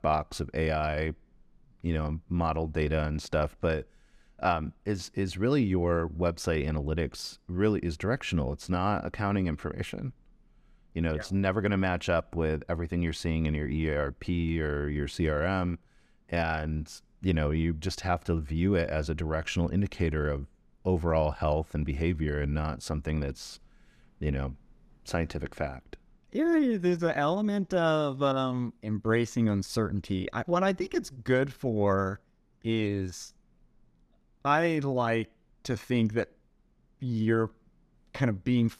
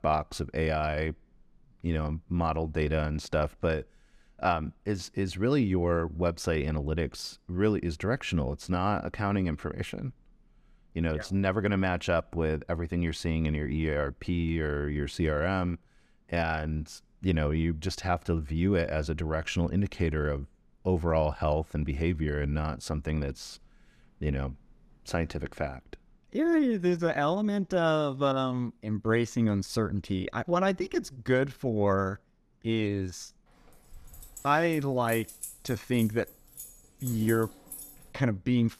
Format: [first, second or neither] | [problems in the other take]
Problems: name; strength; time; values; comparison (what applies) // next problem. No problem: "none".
first | jangling keys; noticeable; from 34 to 38 s; peak 9 dB below the speech